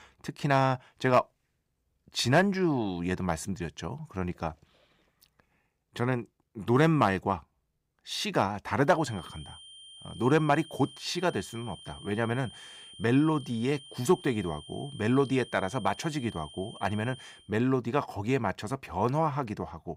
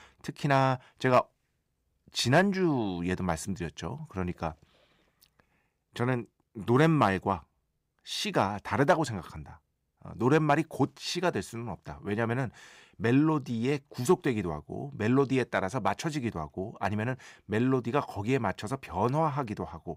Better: second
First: high-pitched whine; noticeable; from 9 to 17 s; 3 kHz, 20 dB below the speech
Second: none

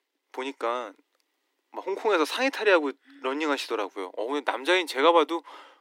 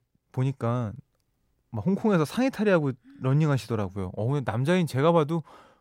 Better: second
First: thin; very; fading below 300 Hz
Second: none

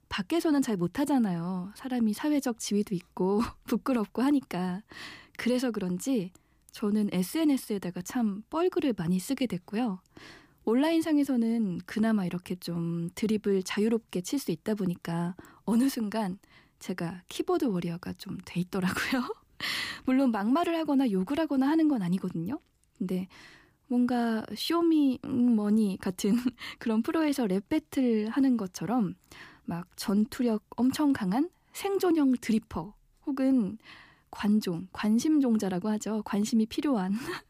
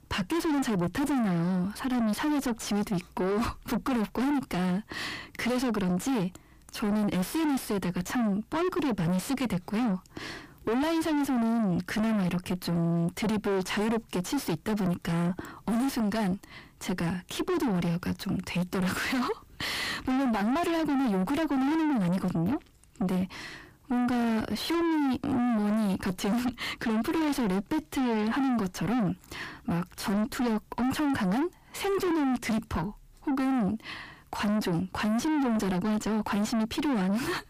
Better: first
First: none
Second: distortion; heavy; 4 dB below the speech

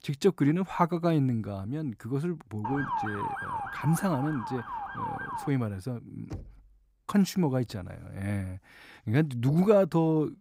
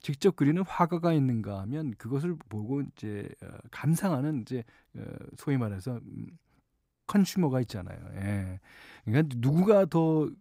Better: second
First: siren; noticeable; from 2.5 to 5.5 s; peak 3 dB below the speech // door banging; faint; at 6.5 s; peak 15 dB below the speech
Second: none

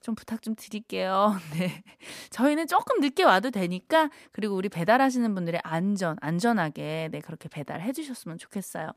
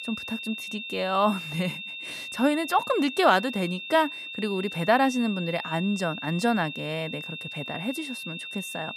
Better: first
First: none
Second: high-pitched whine; loud; throughout; 2.5 kHz, 8 dB below the speech

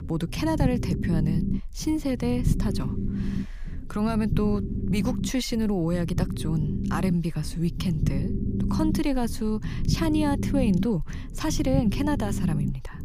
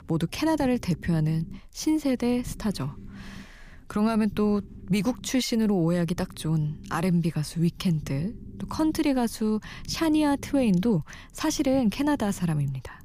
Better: second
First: low rumble; loud; throughout; 7 dB below the speech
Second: low rumble; faint; throughout; 25 dB below the speech

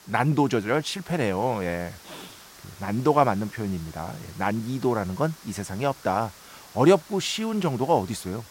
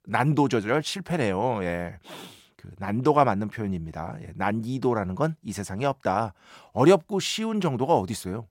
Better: second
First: hiss; faint; throughout; 20 dB below the speech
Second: none

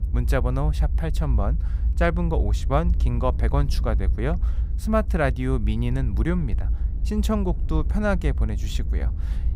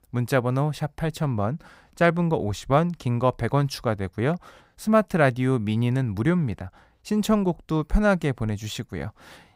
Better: second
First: low rumble; noticeable; throughout; 15 dB below the speech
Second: none

